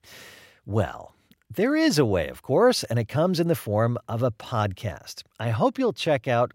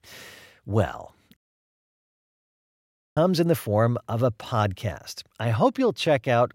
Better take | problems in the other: first | audio cutting out; at 1.5 s for 2 s

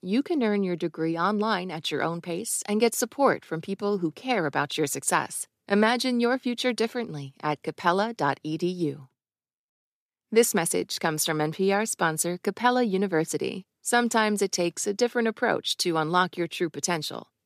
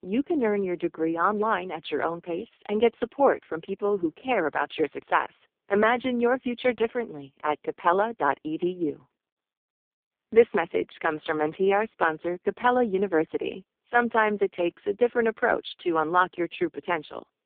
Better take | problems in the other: first | phone-call audio; poor line; nothing above 3.5 kHz

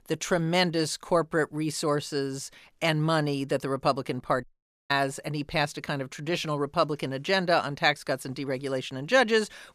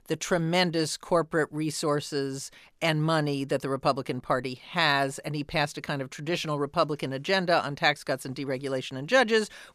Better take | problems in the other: second | audio cutting out; at 4.5 s

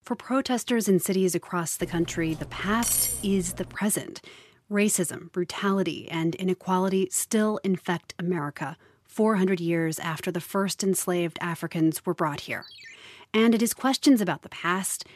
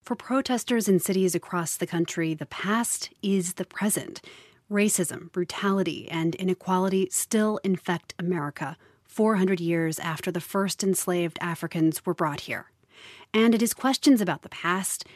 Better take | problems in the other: second | clattering dishes; loud; from 2 to 3.5 s; peak 2 dB above the speech // phone ringing; faint; at 13 s; peak 20 dB below the speech

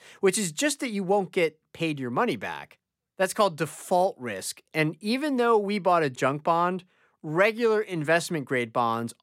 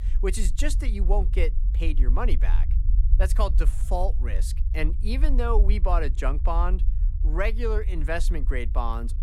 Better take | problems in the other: first | low rumble; noticeable; throughout; 15 dB below the speech

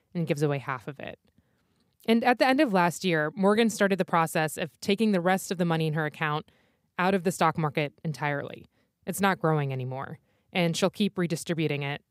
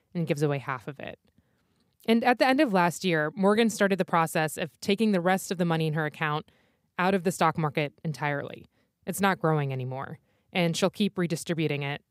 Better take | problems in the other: neither | none

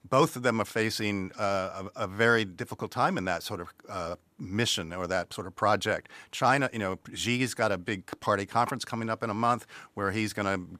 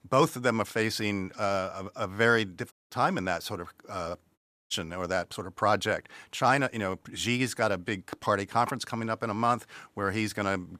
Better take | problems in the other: first | audio cutting out; at 2.5 s and at 4.5 s

